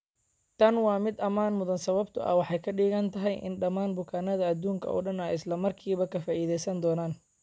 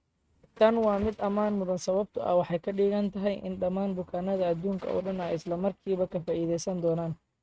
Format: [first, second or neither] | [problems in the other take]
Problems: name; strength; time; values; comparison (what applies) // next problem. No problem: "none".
first | noise reduction (neural mask model RNNoise)